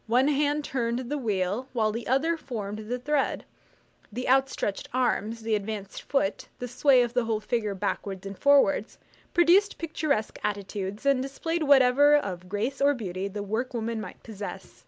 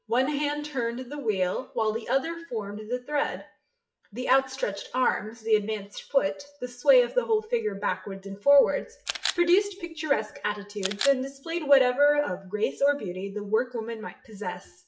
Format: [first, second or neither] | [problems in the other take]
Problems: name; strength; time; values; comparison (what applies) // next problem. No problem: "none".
first | noise reduction (classical method WPE with log-MMSE)